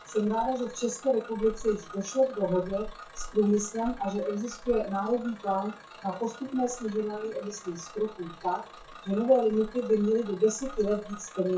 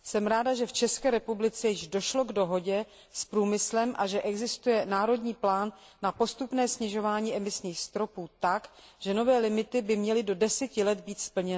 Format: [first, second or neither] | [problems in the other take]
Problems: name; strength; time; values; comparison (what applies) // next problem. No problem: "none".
second | noise reduction (classical method WPE with log-MMSE)